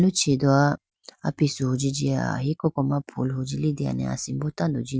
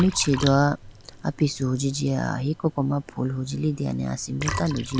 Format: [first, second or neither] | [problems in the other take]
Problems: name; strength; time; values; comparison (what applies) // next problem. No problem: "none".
first | background sound (Liquid); 12 dB below the speech